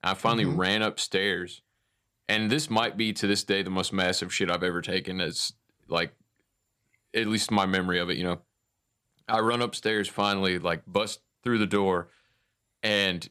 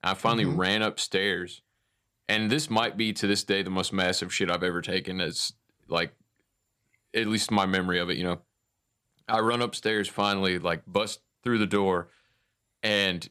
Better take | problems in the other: neither | none

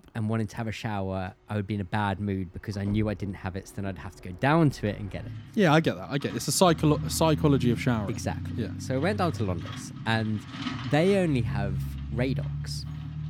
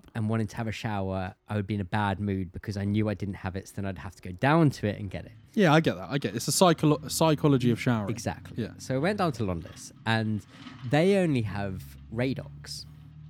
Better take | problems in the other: second | traffic noise; loud; throughout; 9 dB below the speech; faint in the second

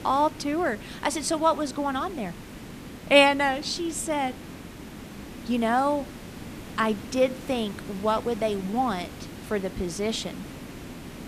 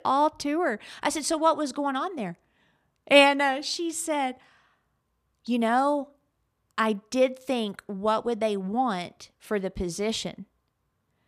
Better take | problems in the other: second | hiss; noticeable; throughout; 15 dB below the speech

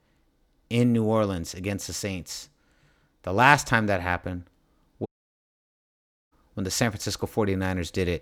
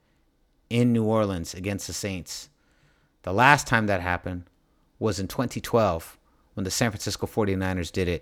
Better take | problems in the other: second | audio cutting out; at 5 s for 1.5 s

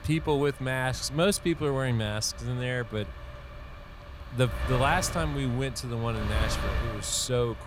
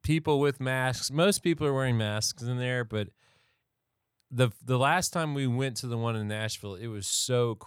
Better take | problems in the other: second | wind noise on the microphone; heavy; 10 dB below the speech

